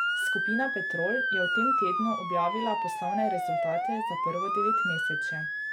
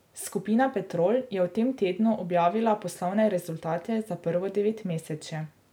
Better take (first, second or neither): second